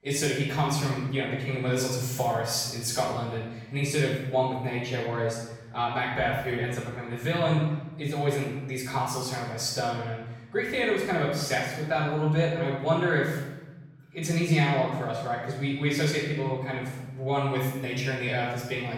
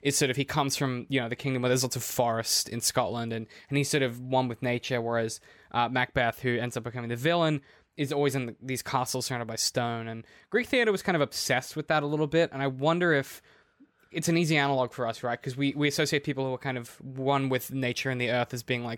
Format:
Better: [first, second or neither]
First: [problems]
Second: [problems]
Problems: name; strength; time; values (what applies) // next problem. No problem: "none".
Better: second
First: room echo; noticeable; dies away in 1 s // off-mic speech; far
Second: none